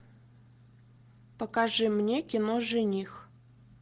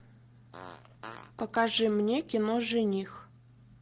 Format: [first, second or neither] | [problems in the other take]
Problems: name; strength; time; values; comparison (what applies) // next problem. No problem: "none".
first | background sound (Fart); 19 dB below the speech